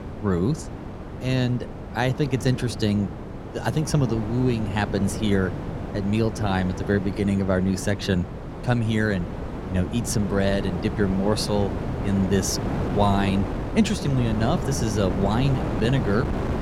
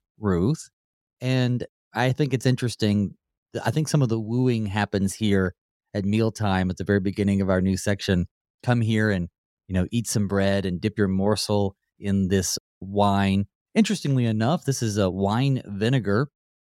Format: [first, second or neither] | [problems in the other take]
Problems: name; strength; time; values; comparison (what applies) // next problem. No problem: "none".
second | wind noise on the microphone; heavy; 7 dB below the speech